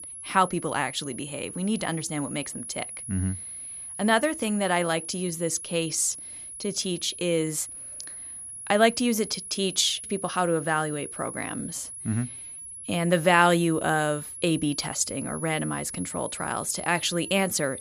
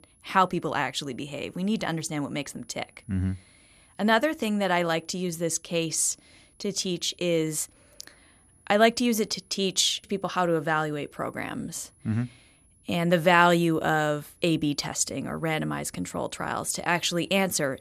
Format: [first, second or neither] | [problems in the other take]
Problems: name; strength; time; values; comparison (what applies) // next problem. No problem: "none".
second | high-pitched whine; loud; throughout; 10.5 kHz, 10 dB below the speech; faint in the second